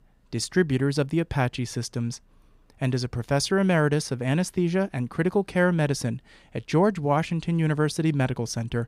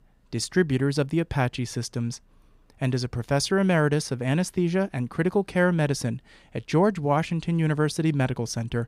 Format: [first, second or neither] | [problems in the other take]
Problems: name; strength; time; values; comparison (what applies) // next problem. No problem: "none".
neither | none